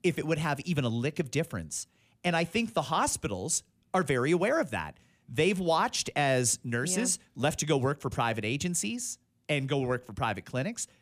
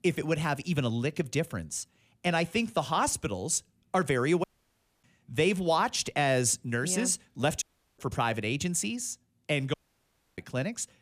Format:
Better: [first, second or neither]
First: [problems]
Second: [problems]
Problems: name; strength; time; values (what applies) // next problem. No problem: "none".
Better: first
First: none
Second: audio cutting out; at 4.5 s for 0.5 s, at 7.5 s and at 9.5 s for 0.5 s